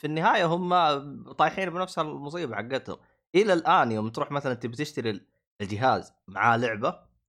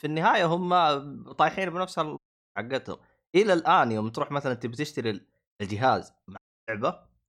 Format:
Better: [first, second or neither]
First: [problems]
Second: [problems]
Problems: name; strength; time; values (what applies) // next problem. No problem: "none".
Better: first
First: none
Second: audio cutting out; at 2 s and at 6.5 s